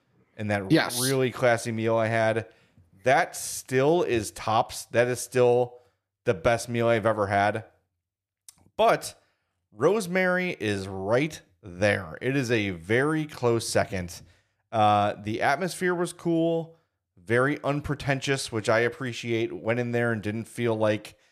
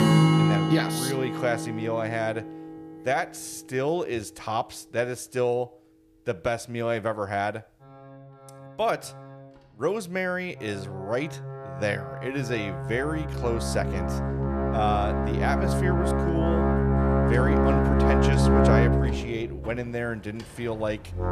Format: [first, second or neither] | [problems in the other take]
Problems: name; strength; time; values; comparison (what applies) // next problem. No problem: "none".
first | background music; very loud; throughout; 5 dB above the speech